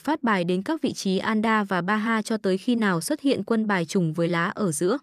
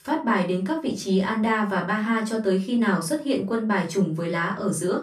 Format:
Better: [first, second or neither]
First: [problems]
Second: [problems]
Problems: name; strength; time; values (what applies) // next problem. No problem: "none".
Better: first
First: none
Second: off-mic speech; far // room echo; very slight; dies away in 0.3 s